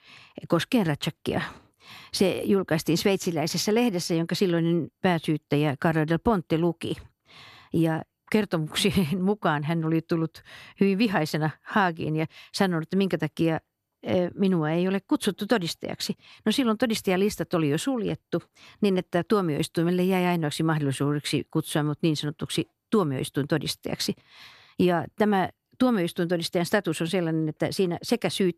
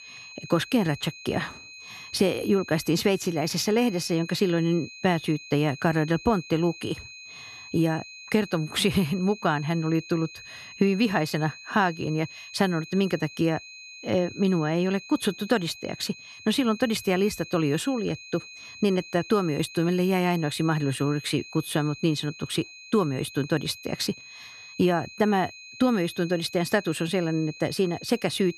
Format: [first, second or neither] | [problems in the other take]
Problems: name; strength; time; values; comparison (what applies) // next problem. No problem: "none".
first | high-pitched whine; noticeable; throughout; 2.5 kHz, 15 dB below the speech